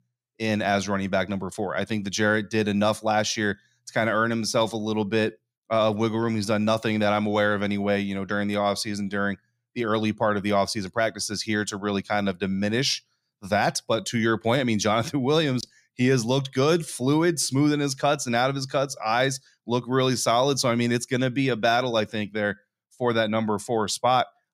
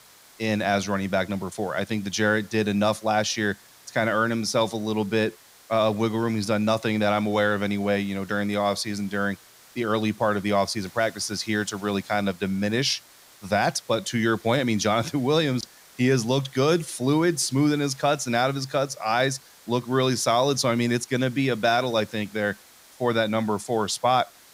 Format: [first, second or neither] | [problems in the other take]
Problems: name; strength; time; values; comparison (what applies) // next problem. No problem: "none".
first | hiss; faint; throughout; 25 dB below the speech